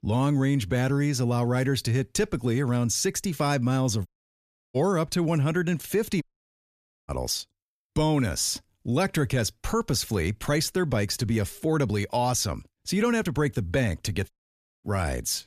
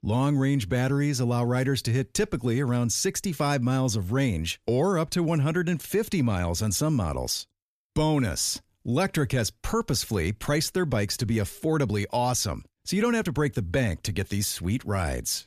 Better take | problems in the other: second | audio cutting out; at 4 s for 0.5 s, at 6 s for 1 s and at 14 s for 0.5 s

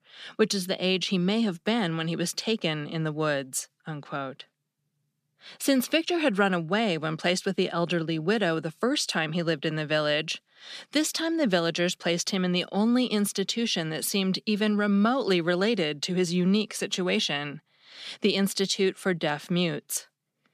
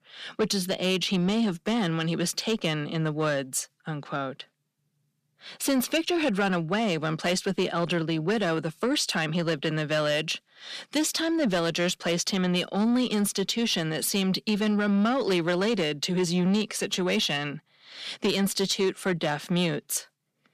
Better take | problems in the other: first | distortion; slight; 10 dB below the speech

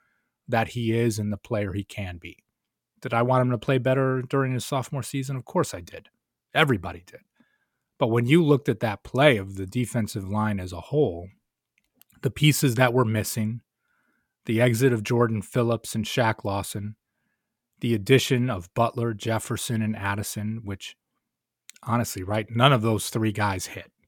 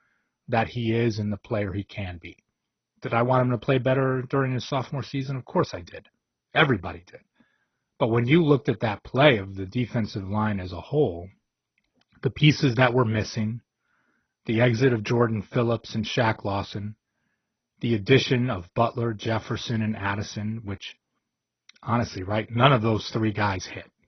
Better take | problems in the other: first | garbled, watery; badly; nothing above 6 kHz

